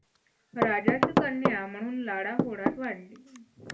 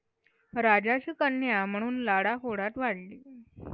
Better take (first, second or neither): second